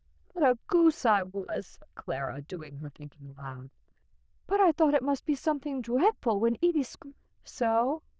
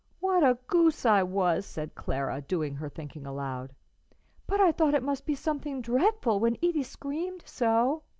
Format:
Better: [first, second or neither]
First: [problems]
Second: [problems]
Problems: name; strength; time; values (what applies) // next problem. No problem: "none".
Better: second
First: noise reduction (neural diffusion model UNIVERSE++)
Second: none